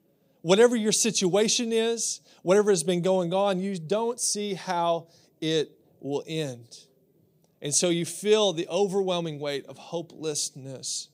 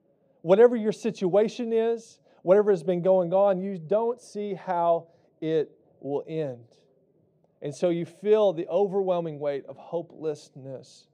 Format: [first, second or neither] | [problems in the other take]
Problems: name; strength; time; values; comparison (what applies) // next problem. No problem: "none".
first | muffled; very; fading above 3.5 kHz